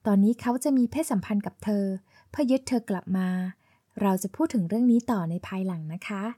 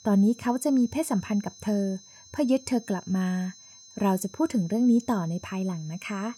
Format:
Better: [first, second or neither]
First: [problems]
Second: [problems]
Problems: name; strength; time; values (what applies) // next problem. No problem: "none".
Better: first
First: none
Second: high-pitched whine; faint; throughout; 6.5 kHz, 20 dB below the speech